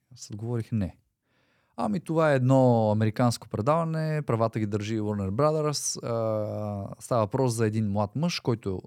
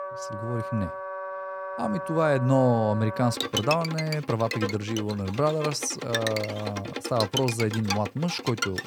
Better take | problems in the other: first | background music; loud; throughout; 6 dB below the speech

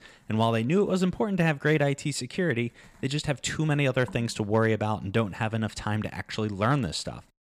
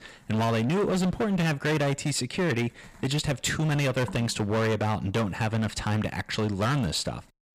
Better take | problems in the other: first | distortion; heavy; 21% of the sound clipped

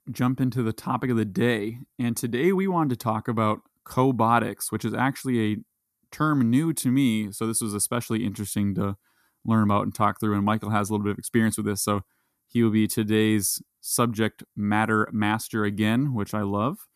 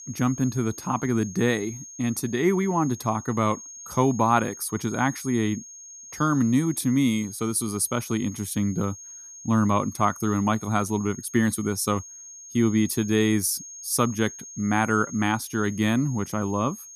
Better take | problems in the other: first | high-pitched whine; noticeable; throughout; 6.5 kHz, 15 dB below the speech

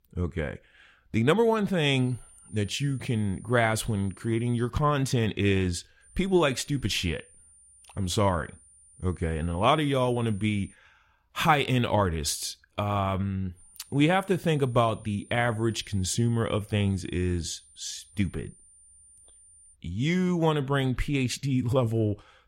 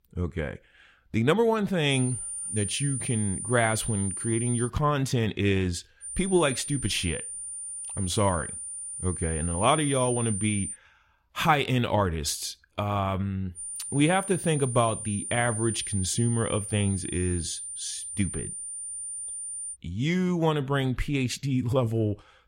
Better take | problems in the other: first | high-pitched whine; loud; from 2 to 4.5 s, from 6 to 11 s and from 14 to 20 s; 9 kHz, 6 dB below the speech; faint in the first

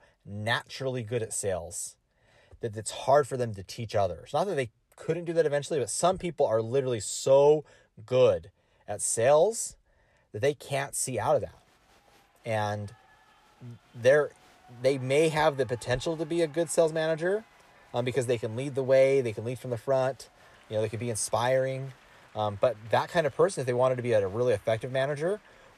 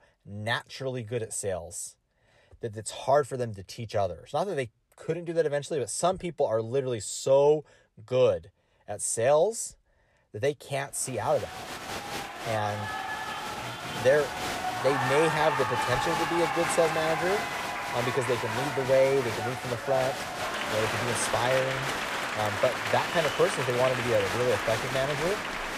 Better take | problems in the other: first | crowd noise; loud; from 11 s on; 2 dB below the speech; faint in the first

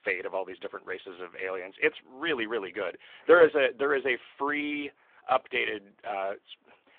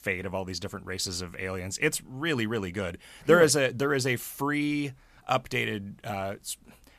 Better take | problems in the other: second | phone-call audio

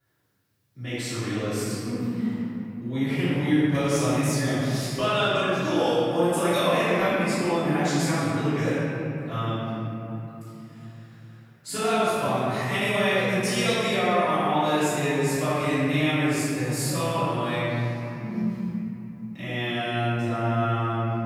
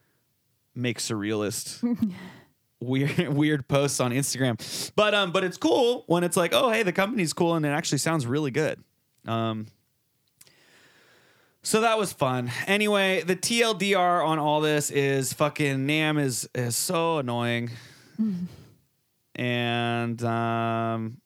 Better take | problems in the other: second | off-mic speech; far // room echo; strong; dies away in 3 s

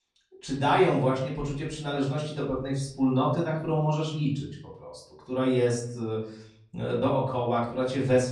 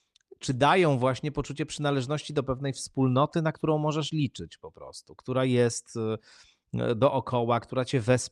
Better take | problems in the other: second | off-mic speech; far // room echo; noticeable; dies away in 0.6 s

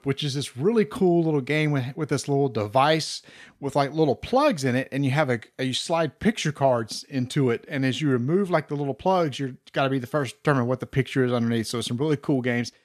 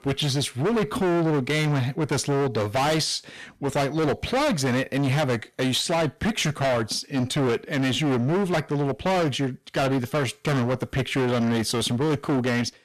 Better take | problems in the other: first | distortion; heavy; 27% of the sound clipped

